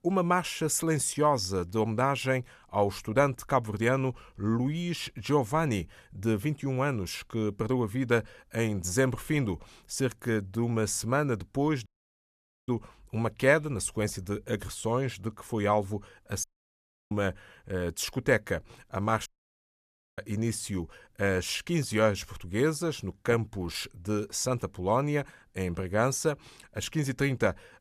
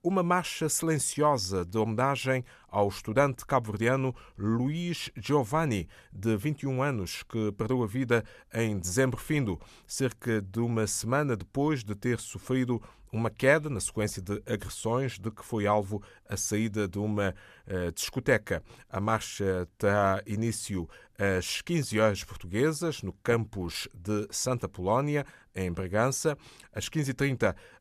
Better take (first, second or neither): second